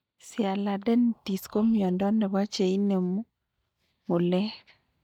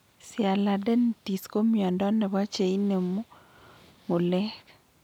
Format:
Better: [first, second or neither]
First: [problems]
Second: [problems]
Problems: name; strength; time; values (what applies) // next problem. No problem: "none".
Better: second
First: noise reduction (neural mask model DeepFilterNet 3)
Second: none